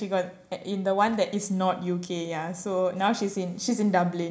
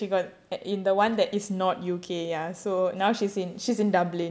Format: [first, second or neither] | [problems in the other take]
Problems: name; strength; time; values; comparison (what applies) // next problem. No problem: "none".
second | room echo; dies away in 0.4 s